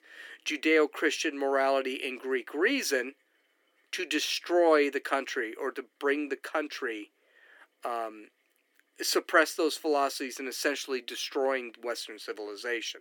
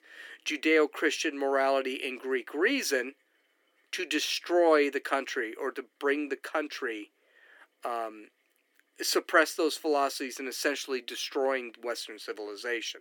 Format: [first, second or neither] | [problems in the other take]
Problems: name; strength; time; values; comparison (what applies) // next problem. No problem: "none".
neither | thin; somewhat; fading below 300 Hz; the same in both